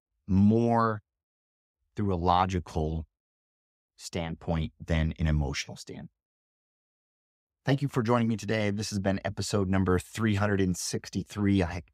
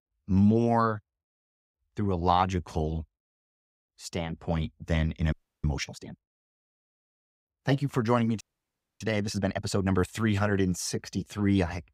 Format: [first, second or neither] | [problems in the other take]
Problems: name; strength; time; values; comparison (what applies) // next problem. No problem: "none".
first | audio freezing; at 5.5 s and at 8.5 s for 0.5 s